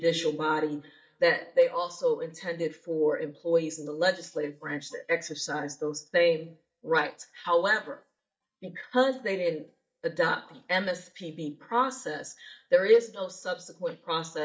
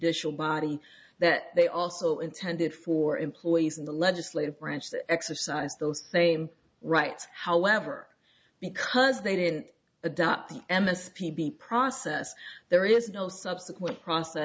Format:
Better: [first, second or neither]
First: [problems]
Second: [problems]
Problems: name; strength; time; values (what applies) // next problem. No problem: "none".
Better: second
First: noise reduction (neural mask model DeepFilterNet 3)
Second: none